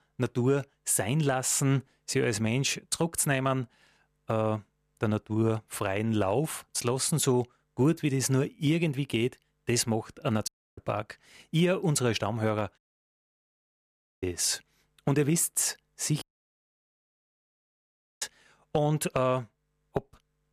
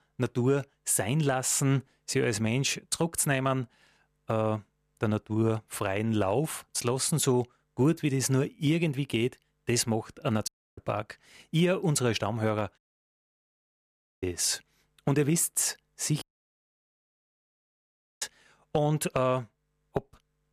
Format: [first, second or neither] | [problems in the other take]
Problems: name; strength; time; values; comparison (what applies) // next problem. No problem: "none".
neither | audio cutting out; at 10 s, at 13 s for 1.5 s and at 16 s for 2 s; the same in both